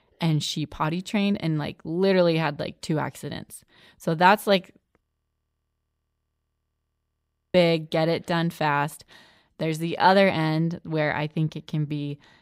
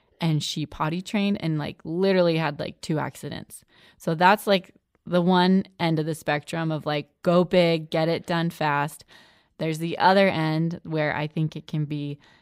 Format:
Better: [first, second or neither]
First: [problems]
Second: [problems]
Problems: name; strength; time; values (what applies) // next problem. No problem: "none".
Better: second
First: audio freezing; at 5 s for 2.5 s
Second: none